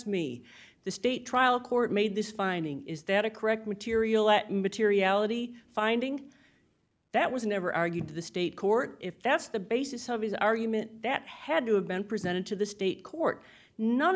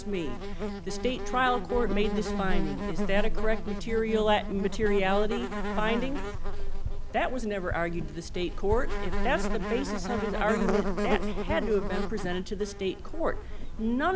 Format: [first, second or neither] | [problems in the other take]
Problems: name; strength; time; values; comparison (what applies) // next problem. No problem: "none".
first | background sound (Insect); 1 dB above the speech